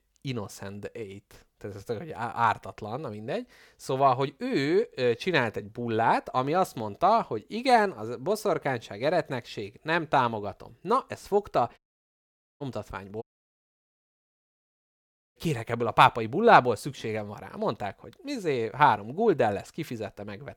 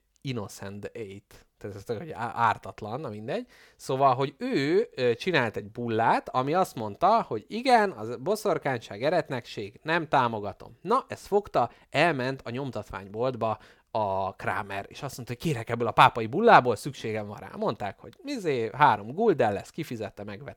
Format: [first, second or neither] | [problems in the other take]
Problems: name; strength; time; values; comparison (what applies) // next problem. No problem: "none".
second | audio cutting out; at 12 s for 1 s and at 13 s for 2 s